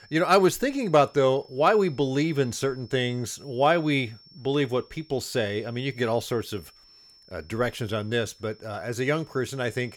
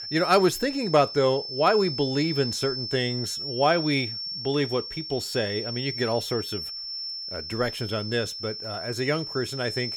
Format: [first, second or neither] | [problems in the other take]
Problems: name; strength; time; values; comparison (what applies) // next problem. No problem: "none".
first | high-pitched whine; loud; throughout; 5.5 kHz, 6 dB below the speech; faint in the first